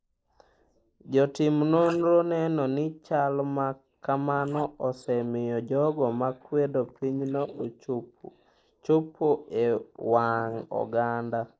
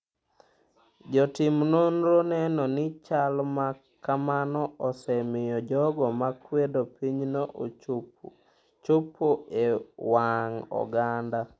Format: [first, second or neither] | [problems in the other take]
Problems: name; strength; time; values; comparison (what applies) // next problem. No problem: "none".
second | noise reduction (neural mask model Resemble Enhance denoiser)